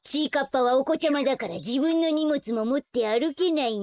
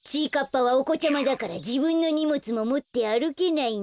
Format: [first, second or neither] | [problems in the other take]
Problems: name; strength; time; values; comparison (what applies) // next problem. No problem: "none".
second | noise reduction (neural mask model Resemble Enhance denoiser)